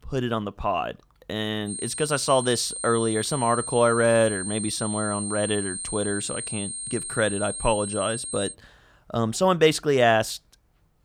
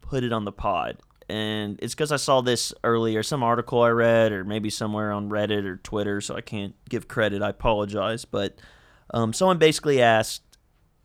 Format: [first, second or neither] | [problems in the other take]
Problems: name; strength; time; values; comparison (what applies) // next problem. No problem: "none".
second | high-pitched whine; loud; from 1.5 to 8.5 s; 8.5 kHz, 6 dB below the speech